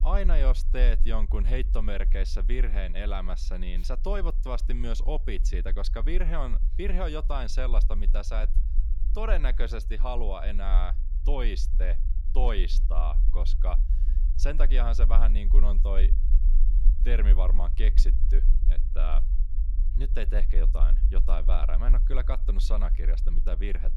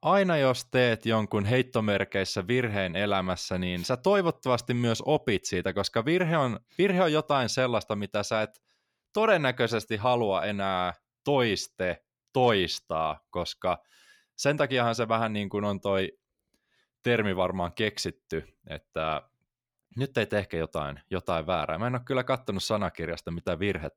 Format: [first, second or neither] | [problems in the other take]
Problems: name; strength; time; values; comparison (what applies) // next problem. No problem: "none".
second | low rumble; noticeable; throughout; 15 dB below the speech